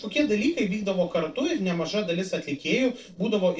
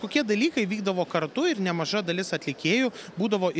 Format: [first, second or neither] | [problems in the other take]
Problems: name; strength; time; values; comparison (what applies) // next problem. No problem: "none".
second | noise reduction (neural separator model SepFormer DNS4)